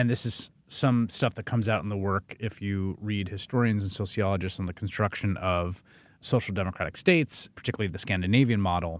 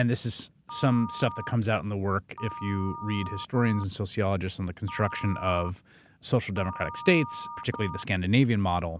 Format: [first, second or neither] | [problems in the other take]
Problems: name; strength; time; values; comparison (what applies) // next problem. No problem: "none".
first | background sound (Telephone); 14 dB below the speech